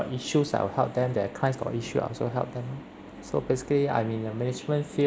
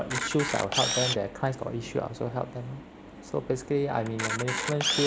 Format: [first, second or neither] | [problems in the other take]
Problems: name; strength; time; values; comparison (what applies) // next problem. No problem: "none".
first | background sound (Camera); 4 dB below the speech